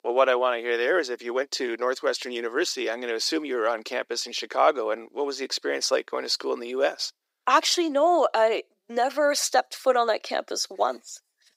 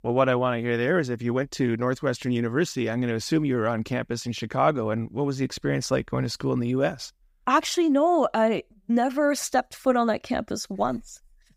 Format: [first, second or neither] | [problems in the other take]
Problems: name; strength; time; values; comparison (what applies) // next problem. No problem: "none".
second | thin; very; fading below 350 Hz